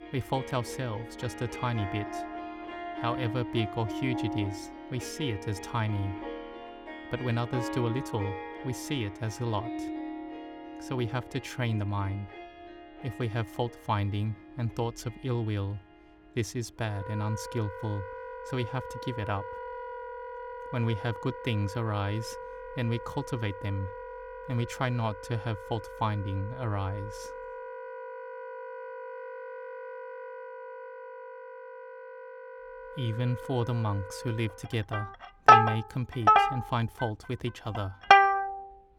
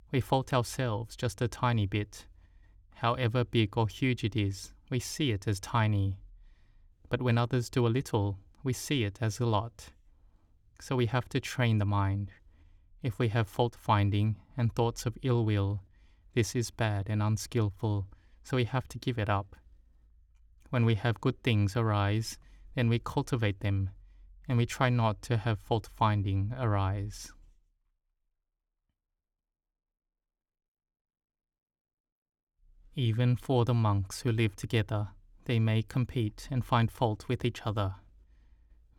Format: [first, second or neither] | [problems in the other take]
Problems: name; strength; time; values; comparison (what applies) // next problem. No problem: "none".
second | background music; very loud; throughout; 1 dB above the speech